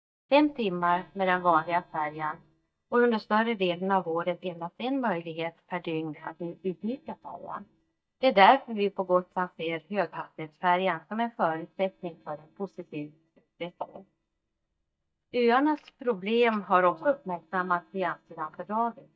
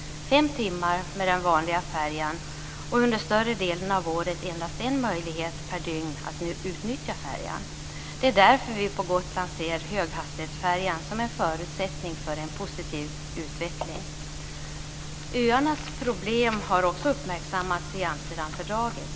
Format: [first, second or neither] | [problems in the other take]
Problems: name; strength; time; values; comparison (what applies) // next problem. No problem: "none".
second | noise reduction (neural mask model DeepFilterNet 3)